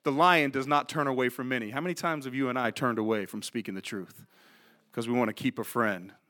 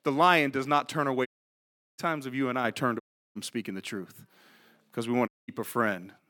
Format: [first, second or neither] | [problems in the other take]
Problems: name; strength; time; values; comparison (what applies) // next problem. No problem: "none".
first | audio cutting out; at 1.5 s for 0.5 s, at 3 s and at 5.5 s